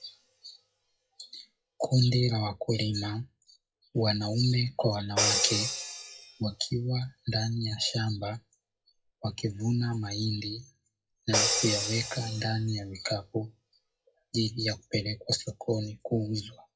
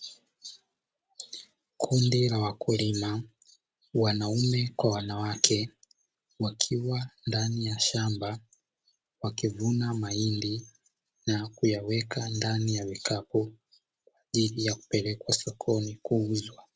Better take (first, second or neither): second